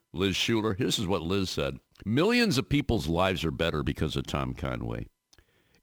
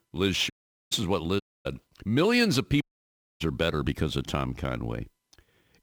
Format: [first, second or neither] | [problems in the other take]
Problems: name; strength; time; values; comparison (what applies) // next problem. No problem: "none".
first | audio cutting out; at 0.5 s, at 1.5 s and at 3 s for 0.5 s